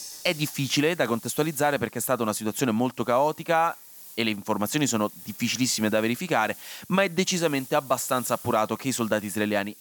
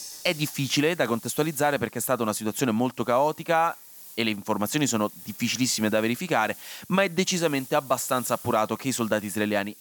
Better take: neither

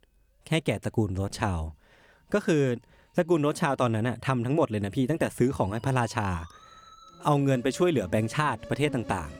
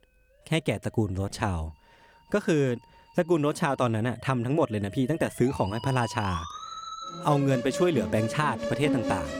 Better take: first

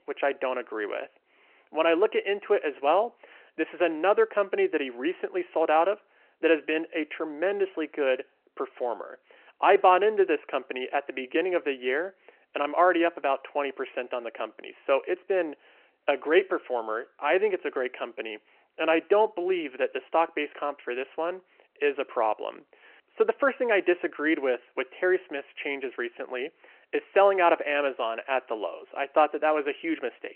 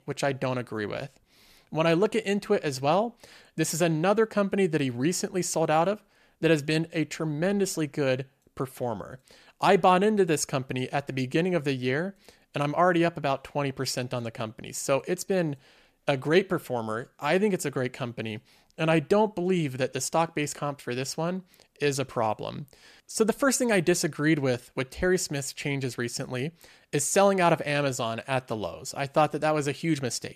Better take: second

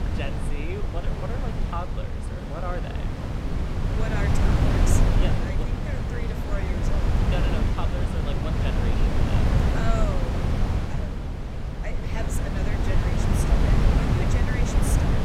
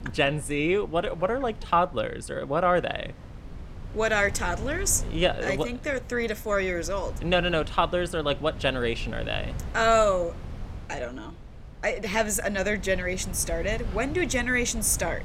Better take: second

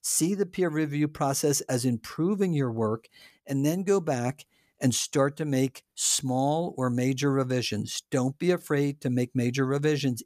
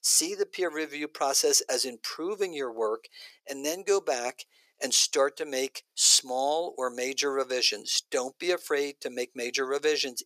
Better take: first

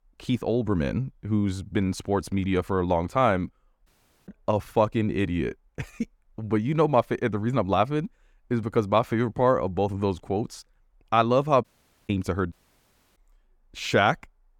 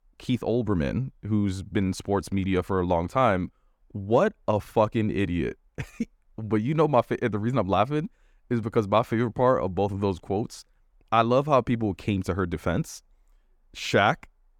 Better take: second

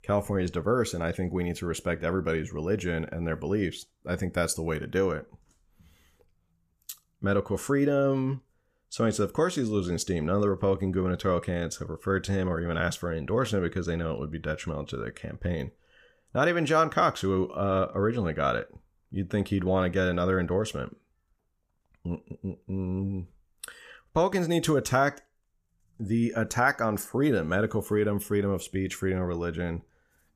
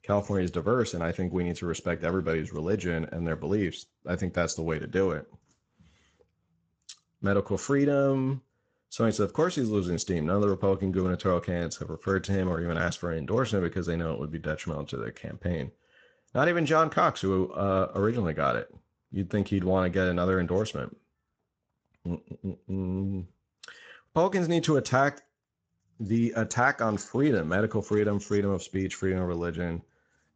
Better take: first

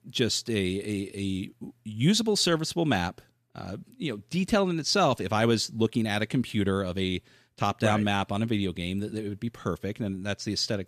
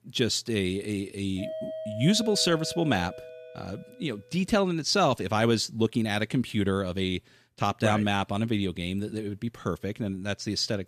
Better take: first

